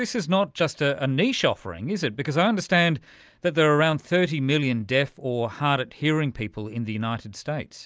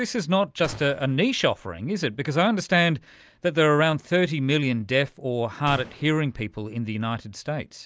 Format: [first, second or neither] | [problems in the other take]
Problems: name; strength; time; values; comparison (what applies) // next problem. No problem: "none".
first | background sound (Gunshot, gunfire); 19 dB below the speech